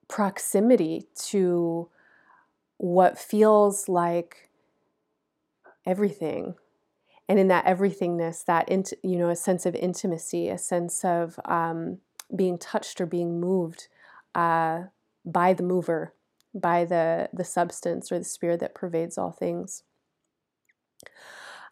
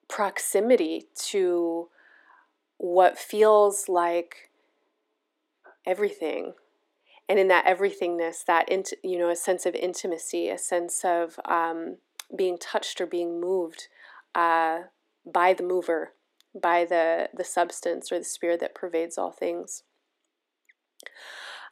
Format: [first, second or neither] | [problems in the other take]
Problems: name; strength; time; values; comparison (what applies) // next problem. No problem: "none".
first | thin; somewhat; fading below 300 Hz